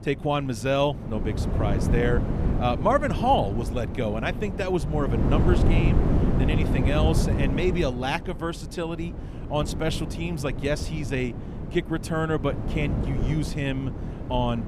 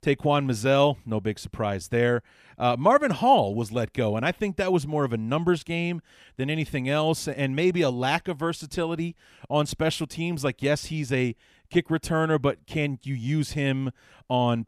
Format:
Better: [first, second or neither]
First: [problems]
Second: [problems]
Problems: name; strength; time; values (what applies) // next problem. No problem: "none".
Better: second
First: wind noise on the microphone; heavy; 7 dB below the speech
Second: none